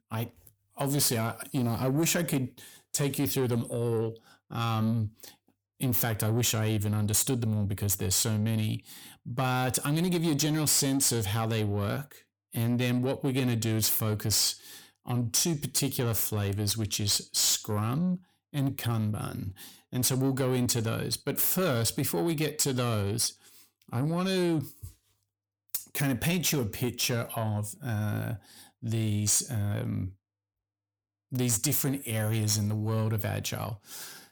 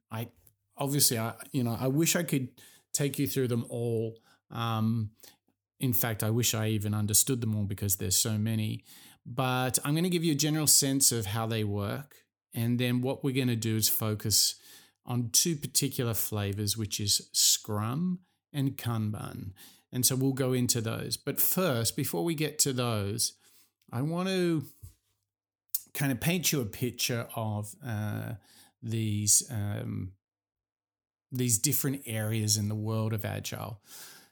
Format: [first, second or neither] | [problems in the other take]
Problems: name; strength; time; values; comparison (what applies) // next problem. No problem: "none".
second | distortion; slight; 10 dB below the speech